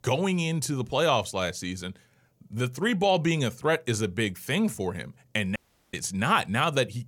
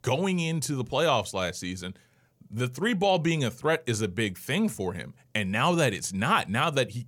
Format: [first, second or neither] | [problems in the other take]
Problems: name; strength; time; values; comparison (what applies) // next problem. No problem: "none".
second | audio cutting out; at 5.5 s